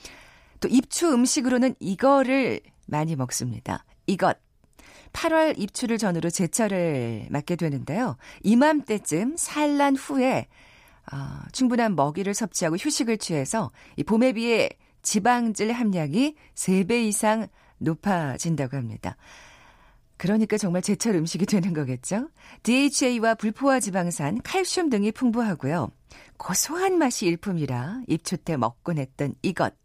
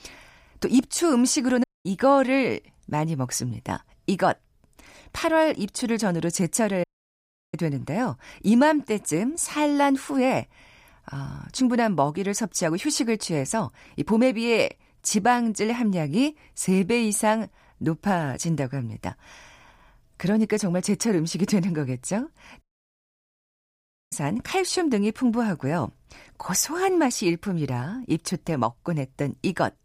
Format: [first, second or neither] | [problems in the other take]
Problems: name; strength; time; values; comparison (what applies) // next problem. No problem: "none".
first | audio cutting out; at 1.5 s, at 7 s for 0.5 s and at 23 s for 1.5 s